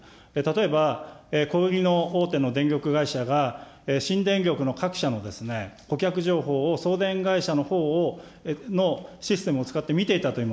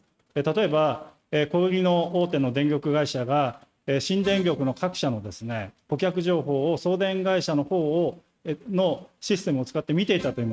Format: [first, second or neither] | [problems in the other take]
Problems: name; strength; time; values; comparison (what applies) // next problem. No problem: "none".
first | noise reduction (neural mask model RNNoise)